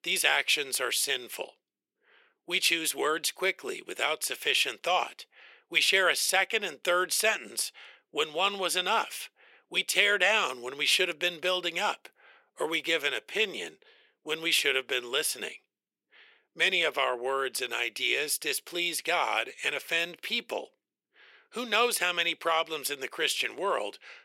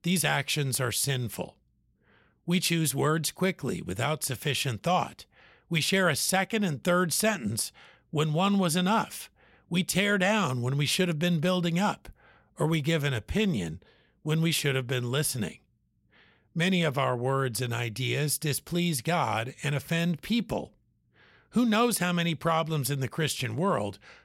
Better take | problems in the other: second | thin; very; fading below 400 Hz

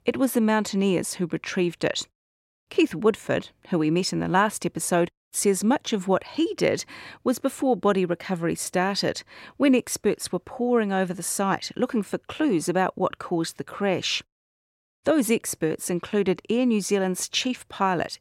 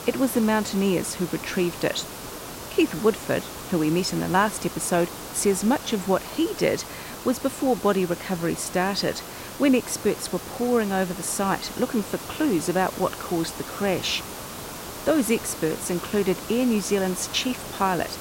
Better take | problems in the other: first | hiss; noticeable; throughout; 10 dB below the speech

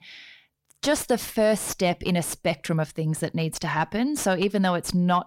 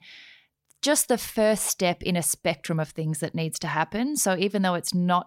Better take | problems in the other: second | distortion; slight; 10 dB below the speech

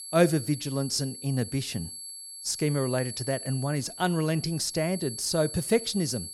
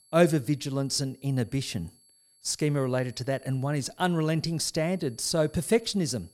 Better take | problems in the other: second | high-pitched whine; loud; throughout; 11 kHz, 9 dB below the speech; faint in the second

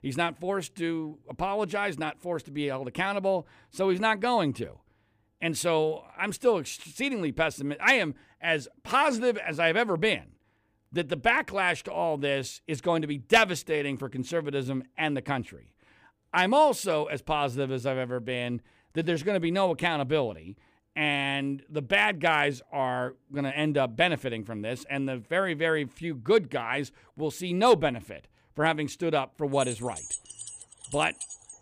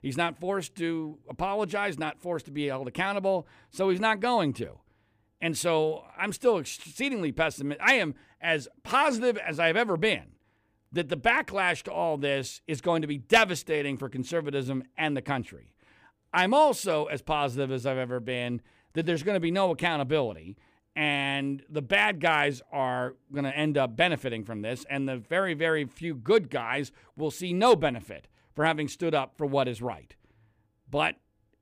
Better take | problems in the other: second | jangling keys; noticeable; from 30 s on; peak 7 dB below the speech

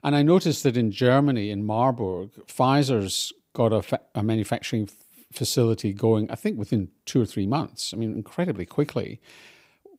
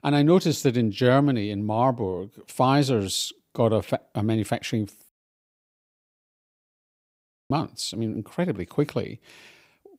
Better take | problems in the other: first | audio cutting out; at 5 s for 2.5 s

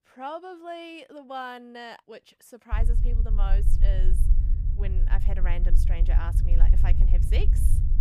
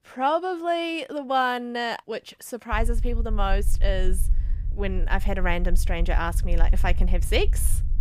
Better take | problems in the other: second | low rumble; loud; from 2.5 s on; 8 dB below the speech; faint in the second

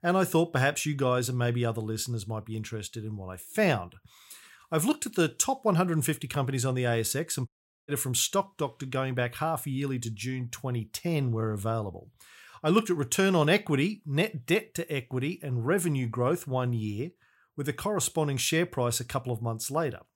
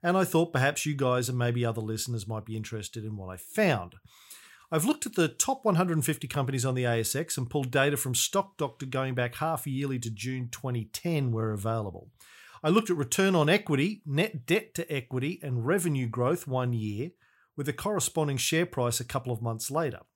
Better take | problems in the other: second | audio cutting out; at 7.5 s

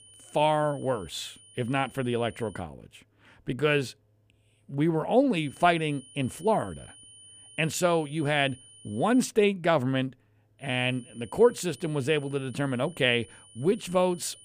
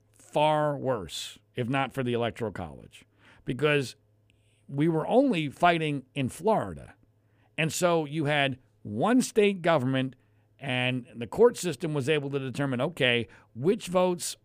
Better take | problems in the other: second | high-pitched whine; faint; until 2.5 s, from 5.5 to 9 s and from 11 s on; 9.5 kHz, 25 dB below the speech

